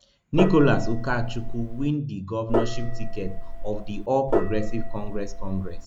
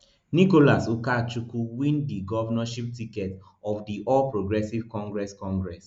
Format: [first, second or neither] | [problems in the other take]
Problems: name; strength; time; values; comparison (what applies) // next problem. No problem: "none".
second | background sound (Gong); 2 dB above the speech